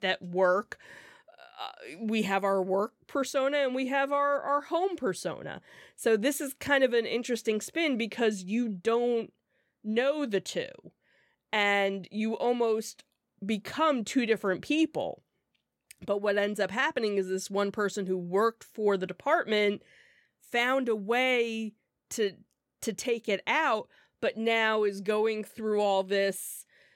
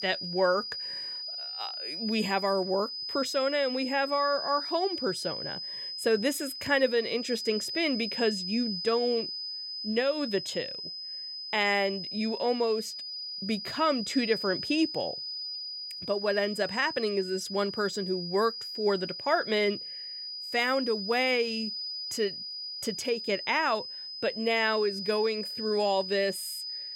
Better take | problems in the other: first | high-pitched whine; loud; throughout; 5 kHz, 6 dB below the speech

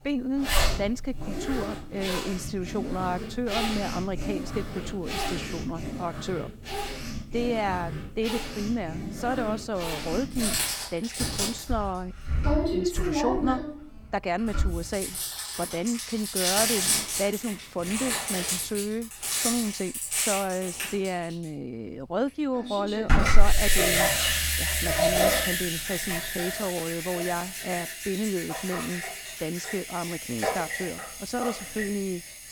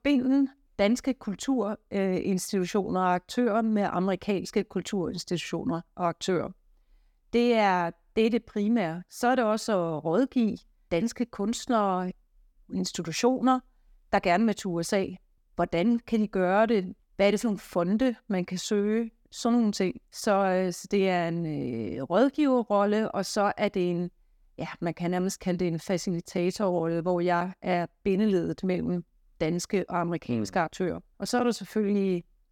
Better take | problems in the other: second | household noises; very loud; throughout; 3 dB above the speech

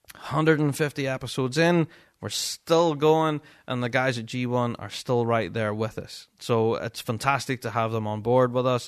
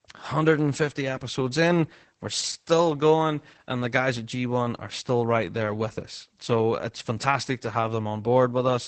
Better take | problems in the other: first | garbled, watery; badly; nothing above 8 kHz

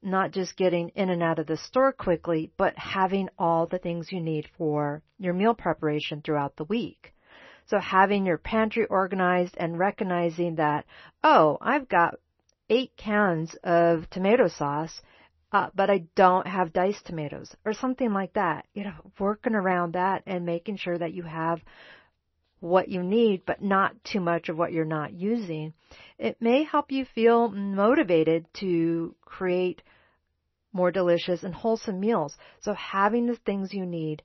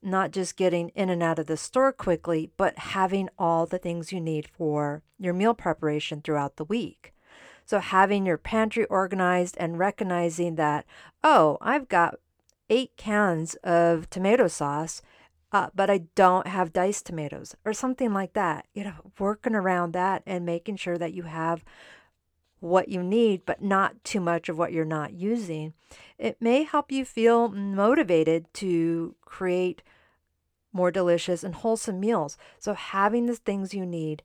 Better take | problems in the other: second | garbled, watery; slightly; nothing above 6 kHz

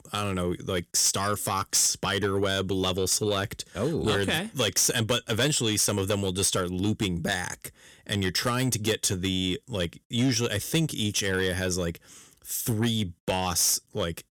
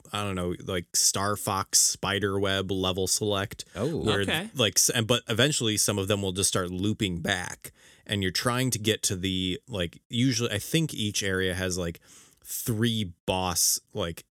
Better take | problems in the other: second | distortion; slight; 10 dB below the speech

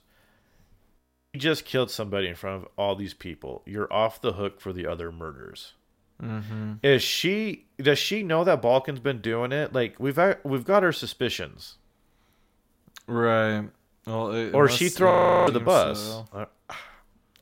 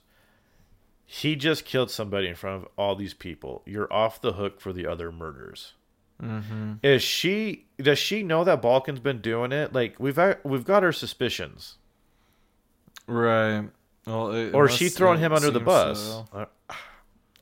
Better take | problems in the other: second | audio freezing; at 1 s and at 15 s

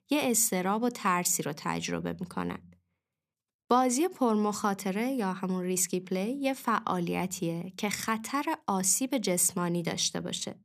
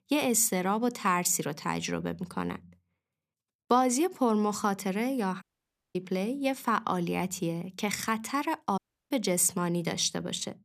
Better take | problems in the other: first | audio cutting out; at 5.5 s for 0.5 s and at 9 s

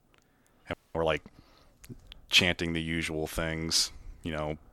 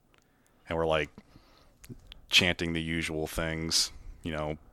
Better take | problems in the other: second | audio freezing; at 0.5 s

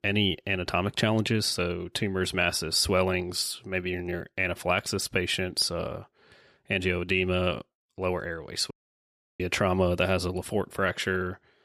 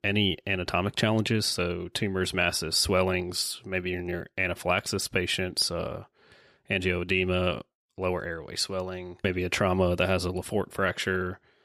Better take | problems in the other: second | audio cutting out; at 8.5 s for 0.5 s

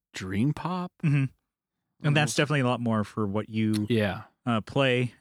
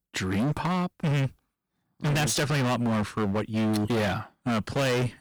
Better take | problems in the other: first | distortion; heavy; 28% of the sound clipped

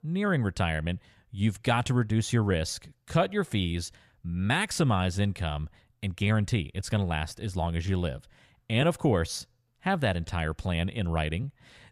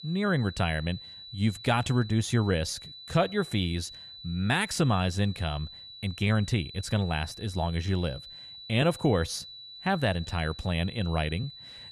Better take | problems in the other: first | high-pitched whine; noticeable; throughout; 4 kHz, 15 dB below the speech

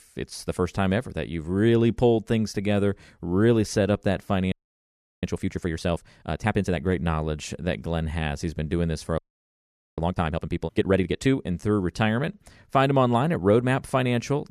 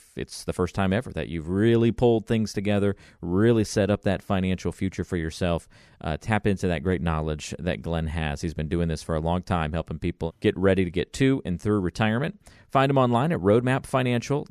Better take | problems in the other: second | audio freezing; at 4.5 s for 0.5 s and at 9 s for 1 s

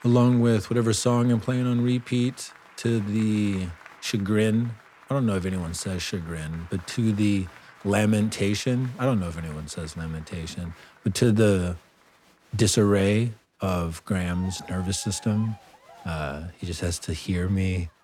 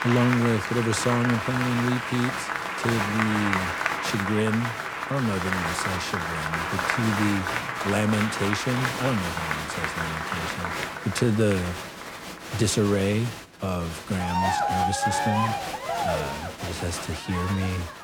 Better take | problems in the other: first | crowd noise; loud; throughout; 1 dB below the speech; faint in the first

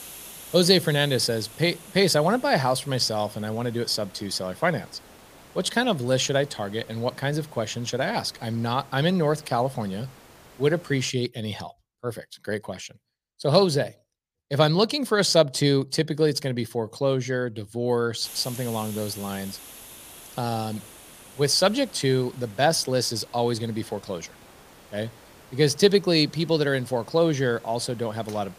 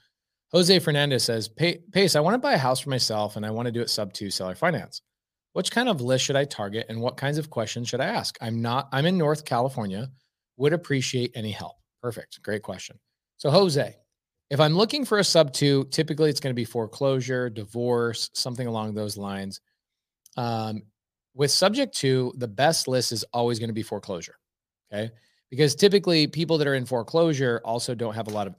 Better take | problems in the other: second | hiss; faint; until 11 s and from 18 s on; 20 dB below the speech

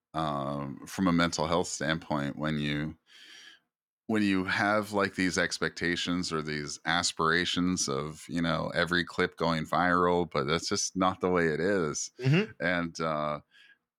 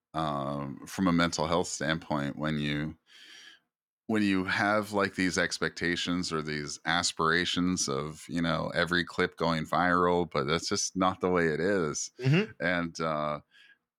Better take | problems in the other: neither | none

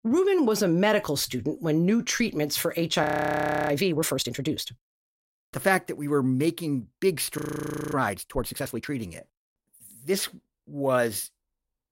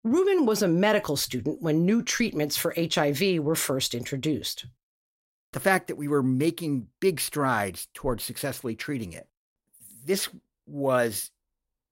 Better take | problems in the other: second | audio freezing; at 3 s for 0.5 s and at 7.5 s for 0.5 s

